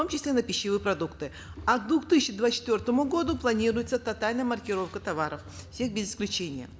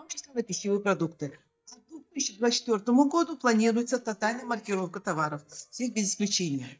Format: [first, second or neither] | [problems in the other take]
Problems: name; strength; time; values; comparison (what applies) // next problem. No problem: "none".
first | noise reduction (neural mask model DeepFilterNet 3)